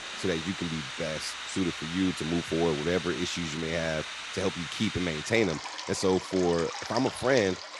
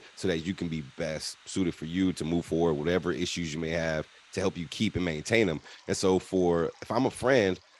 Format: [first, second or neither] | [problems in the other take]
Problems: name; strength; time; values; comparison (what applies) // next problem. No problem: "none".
second | rain or running water; loud; throughout; 6 dB below the speech; faint in the second